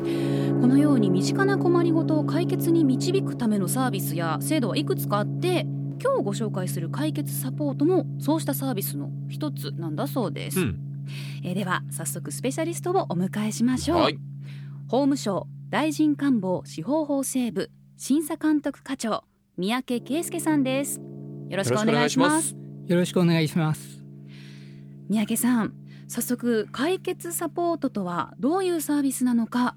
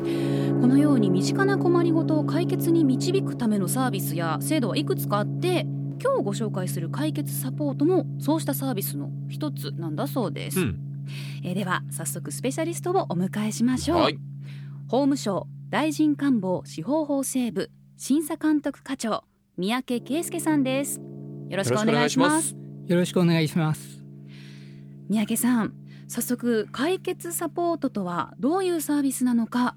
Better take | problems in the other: neither | background music; loud; throughout; 5 dB below the speech; the same in both

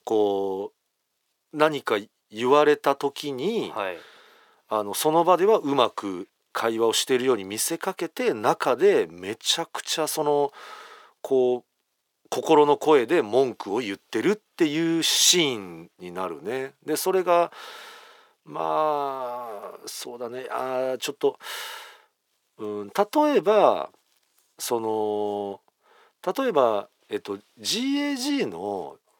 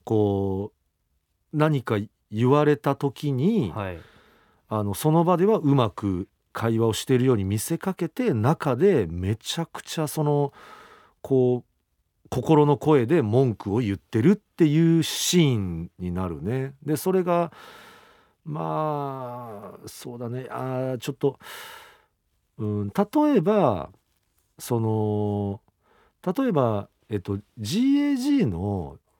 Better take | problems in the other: second | thin; somewhat; fading below 500 Hz

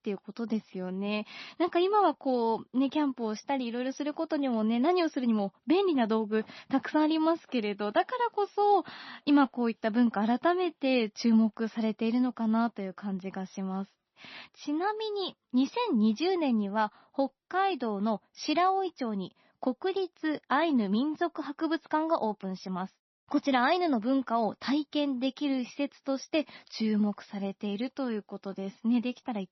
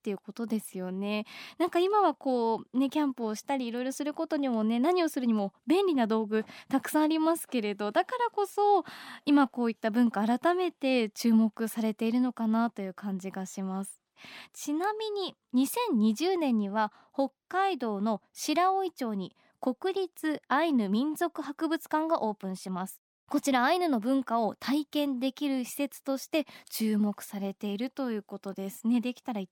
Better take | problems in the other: second | garbled, watery; slightly; nothing above 6 kHz

